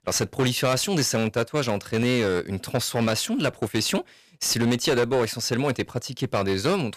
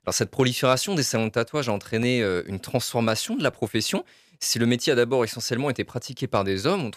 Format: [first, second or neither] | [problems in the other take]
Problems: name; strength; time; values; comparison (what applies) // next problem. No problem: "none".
second | distortion; slight; 11% of the sound clipped